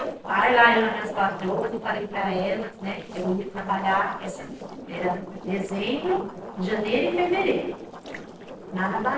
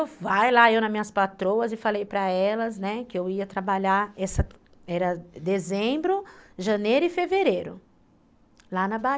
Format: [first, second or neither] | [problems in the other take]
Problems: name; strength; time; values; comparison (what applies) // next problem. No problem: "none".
second | noise reduction (neural separator model SepFormer DNS4)